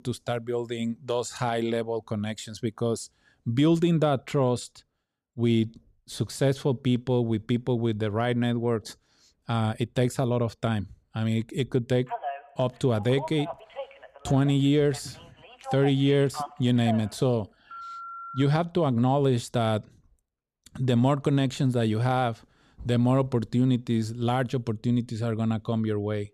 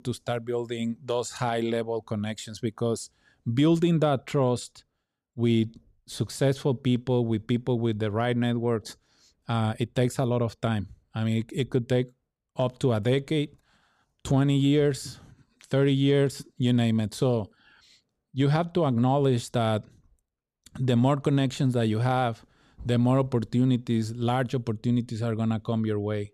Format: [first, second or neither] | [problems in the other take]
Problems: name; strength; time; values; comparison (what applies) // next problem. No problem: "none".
second | phone ringing; noticeable; from 12 to 18 s; peak 8 dB below the speech